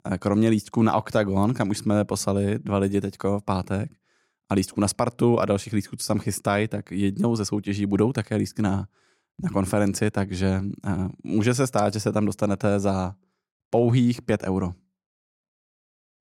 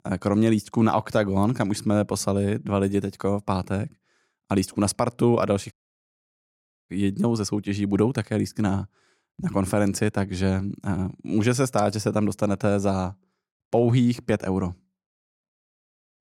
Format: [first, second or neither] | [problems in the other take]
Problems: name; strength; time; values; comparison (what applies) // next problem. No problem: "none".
first | audio cutting out; at 5.5 s for 1 s